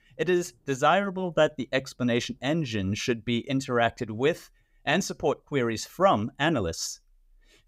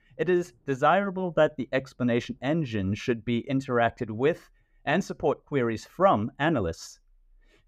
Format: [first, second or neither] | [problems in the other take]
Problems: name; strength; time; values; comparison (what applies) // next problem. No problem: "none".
first | muffled; slightly; fading above 3 kHz